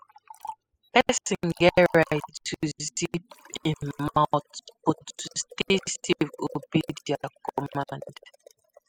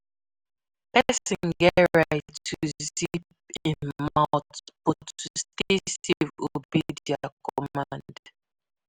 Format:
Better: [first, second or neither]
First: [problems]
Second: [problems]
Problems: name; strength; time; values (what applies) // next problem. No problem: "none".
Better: second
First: noise reduction (classical method spectral subtraction)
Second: none